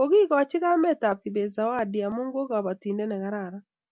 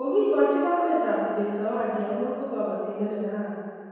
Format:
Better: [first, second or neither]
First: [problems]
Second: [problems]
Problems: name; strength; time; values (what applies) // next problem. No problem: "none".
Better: first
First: none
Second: room echo; dies away in 1.9 s